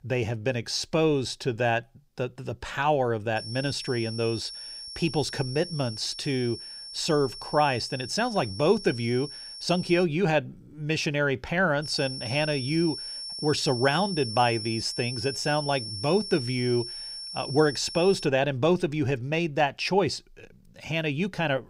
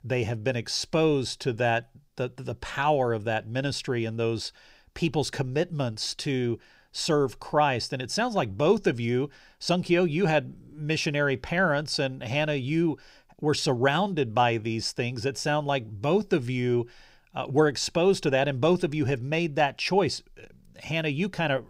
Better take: second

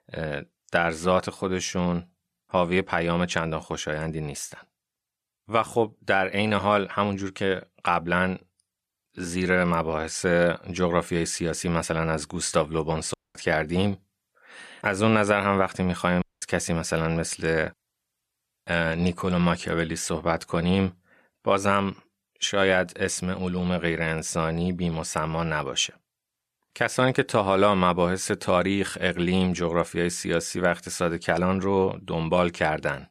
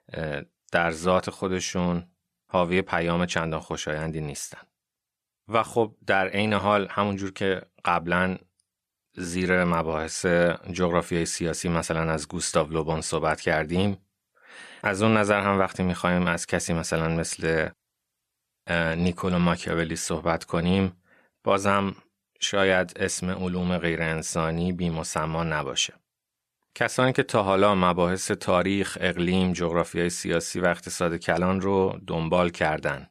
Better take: second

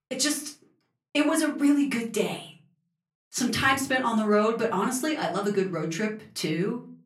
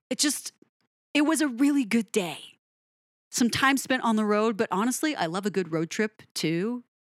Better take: second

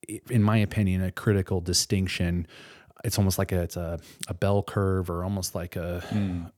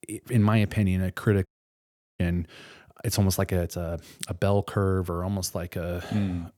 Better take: first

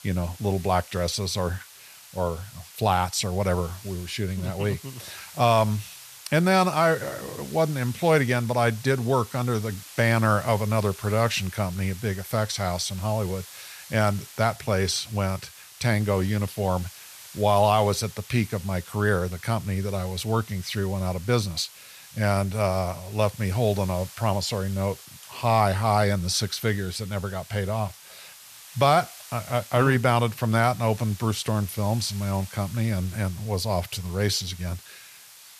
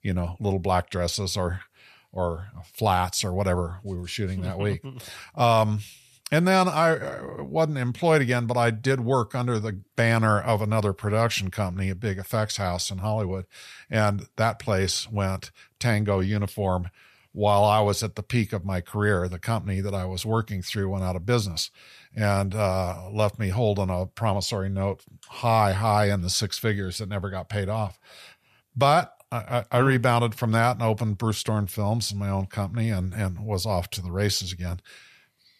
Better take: second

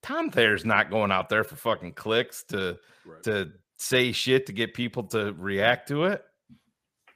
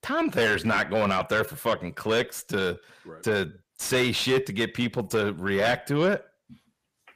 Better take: first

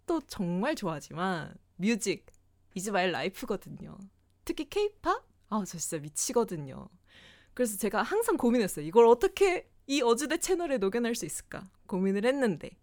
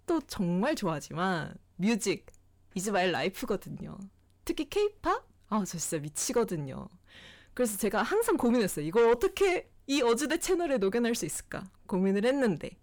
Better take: first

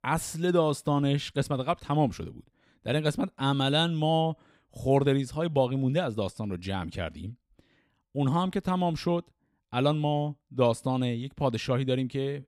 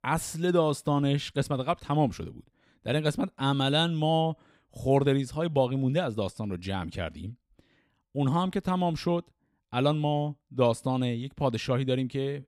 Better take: neither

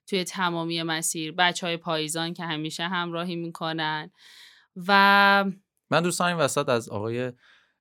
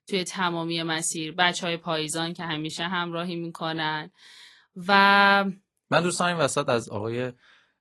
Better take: first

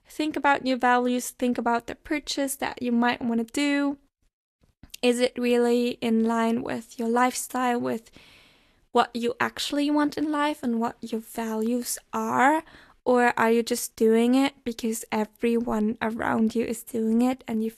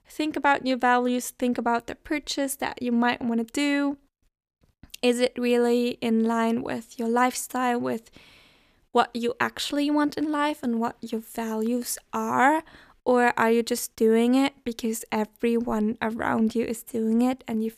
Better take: second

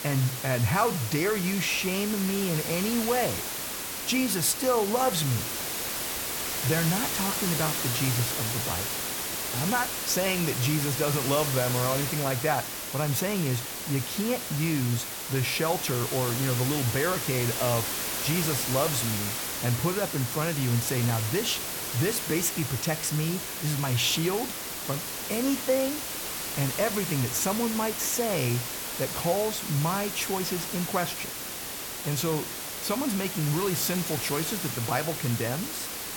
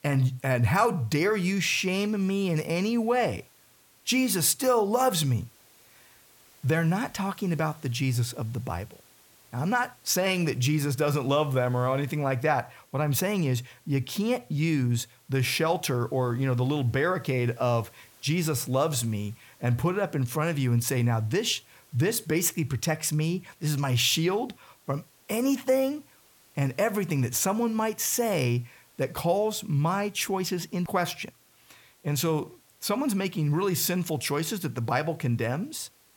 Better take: second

